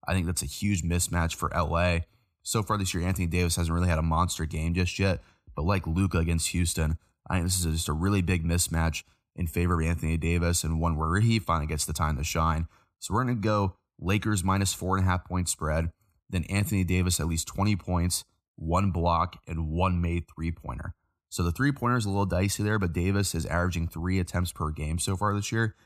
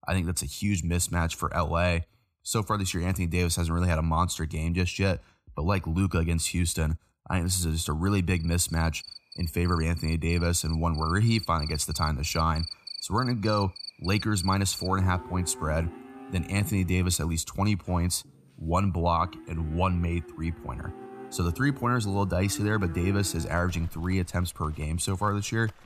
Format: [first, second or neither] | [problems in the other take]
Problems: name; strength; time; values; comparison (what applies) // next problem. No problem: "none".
first | animal sounds; noticeable; from 8.5 s on; 15 dB below the speech